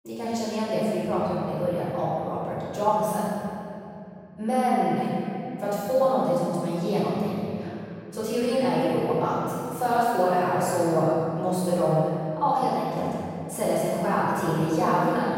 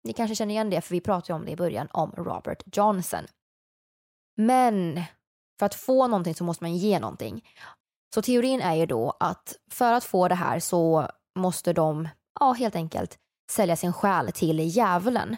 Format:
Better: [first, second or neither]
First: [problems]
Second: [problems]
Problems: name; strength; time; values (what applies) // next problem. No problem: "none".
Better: second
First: room echo; strong; dies away in 2.7 s // off-mic speech; far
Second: none